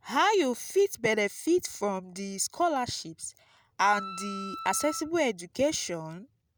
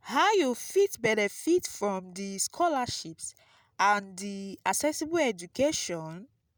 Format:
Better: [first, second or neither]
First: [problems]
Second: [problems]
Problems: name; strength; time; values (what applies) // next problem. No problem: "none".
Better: second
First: background sound (Wind instrument, woodwind instrument); 11 dB below the speech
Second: none